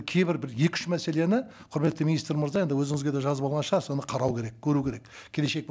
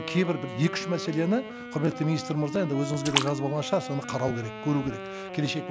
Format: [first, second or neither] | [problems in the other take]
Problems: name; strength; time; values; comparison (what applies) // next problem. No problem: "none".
first | background sound (Wind instrument, woodwind instrument + Splash, splatter); 7 dB below the speech